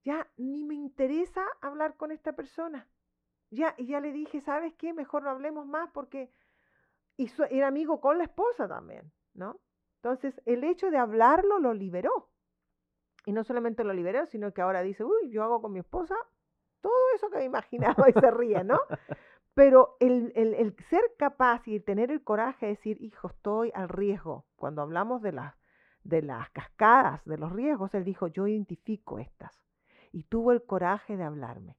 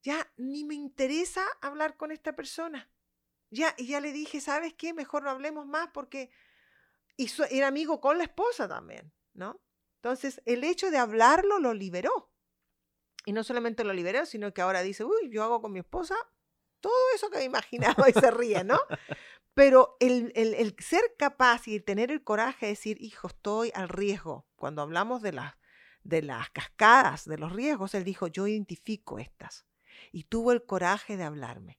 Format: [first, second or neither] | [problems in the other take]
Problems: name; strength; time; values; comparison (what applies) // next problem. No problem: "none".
second | muffled; very; fading above 2.5 kHz